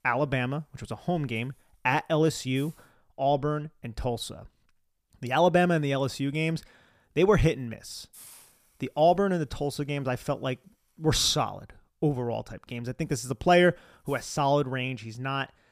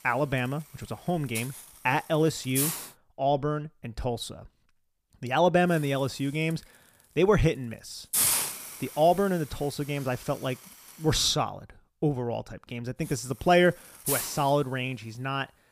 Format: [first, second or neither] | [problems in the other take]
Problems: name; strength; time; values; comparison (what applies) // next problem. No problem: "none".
first | hiss; loud; until 3 s, from 5.5 to 11 s and from 13 s on; 2 dB below the speech; faint in the first